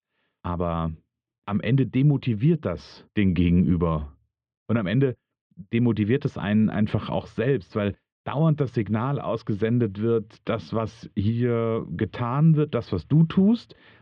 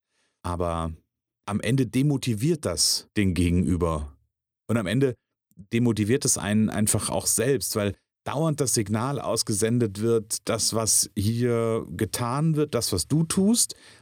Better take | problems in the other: second | muffled; very; fading above 3 kHz

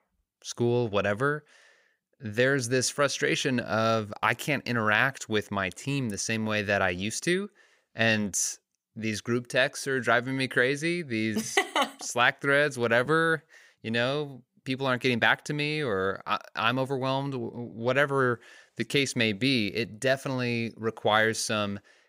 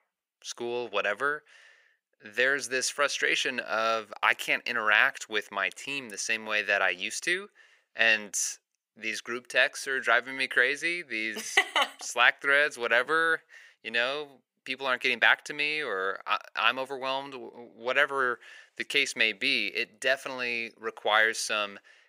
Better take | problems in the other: first | thin; very; fading below 450 Hz

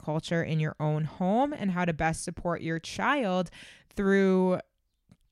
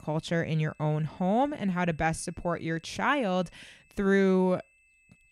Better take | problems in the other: first | high-pitched whine; faint; throughout; 2.5 kHz, 35 dB below the speech

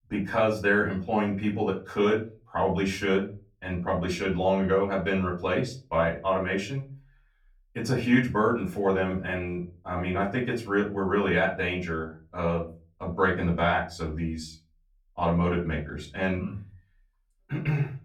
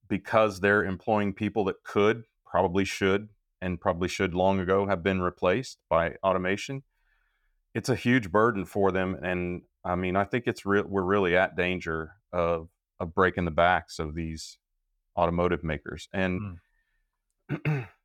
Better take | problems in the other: second | off-mic speech; far // room echo; very slight; dies away in 0.3 s

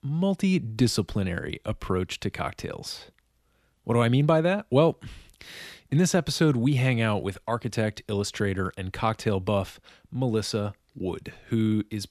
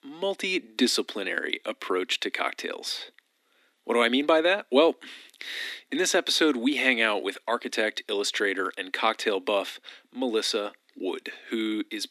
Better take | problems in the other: first | thin; somewhat; fading below 250 Hz

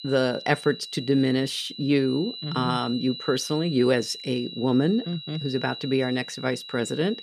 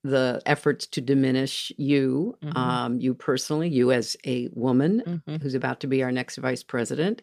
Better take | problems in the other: second | high-pitched whine; noticeable; throughout; 4 kHz, 10 dB below the speech

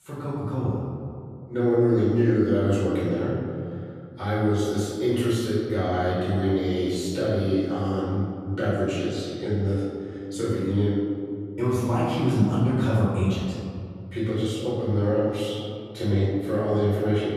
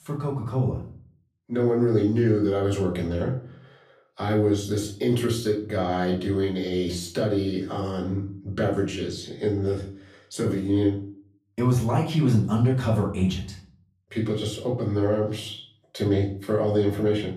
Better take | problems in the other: second | room echo; strong; dies away in 2.3 s; slight in the second // off-mic speech; far; far in the second

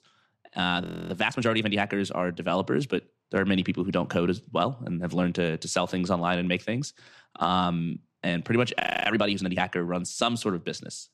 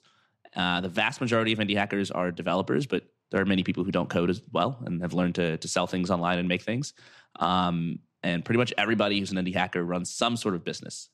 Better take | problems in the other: second | audio freezing; at 1 s and at 9 s

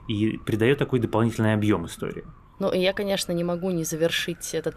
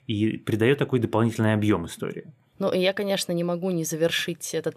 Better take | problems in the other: second | wind noise on the microphone; occasional gusts; 25 dB below the speech

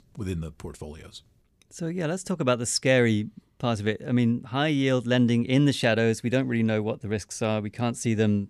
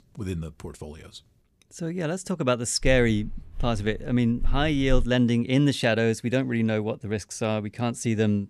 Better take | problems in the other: first | footsteps; noticeable; from 3 to 5 s; peak 8 dB below the speech

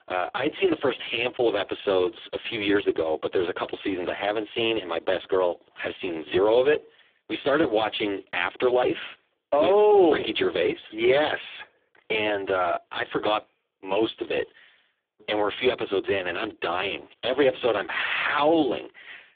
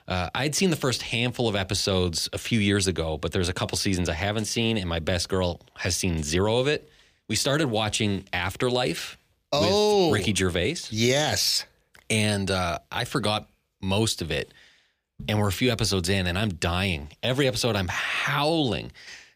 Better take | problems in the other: second | phone-call audio; poor line

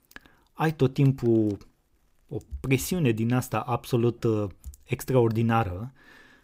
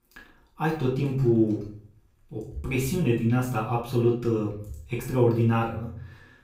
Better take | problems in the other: first | off-mic speech; far // room echo; noticeable; dies away in 0.4 s

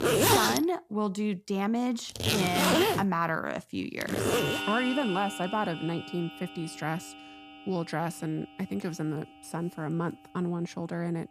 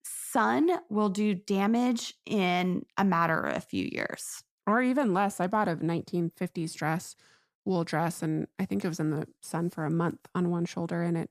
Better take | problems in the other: second | household noises; very loud; throughout; 3 dB above the speech

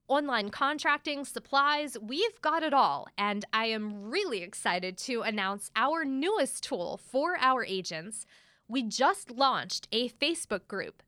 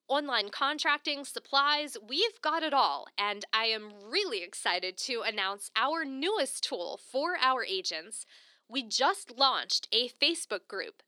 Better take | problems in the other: first | thin; very slightly; fading below 300 Hz

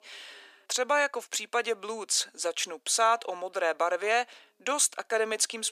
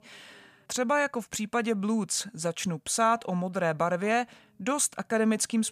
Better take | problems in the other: second | thin; very; fading below 350 Hz

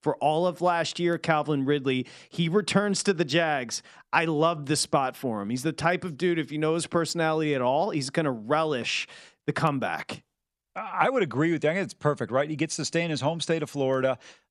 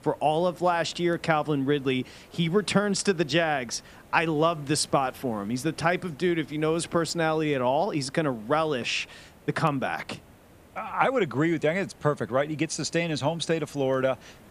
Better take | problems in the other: first | hiss; faint; throughout; 25 dB below the speech

